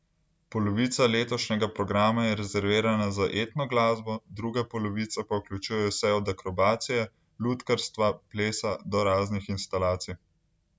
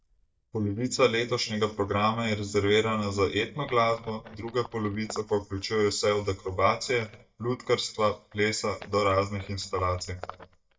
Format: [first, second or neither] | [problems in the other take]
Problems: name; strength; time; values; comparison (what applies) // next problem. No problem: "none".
first | noise reduction (neural mask model DeepFilterNet 3)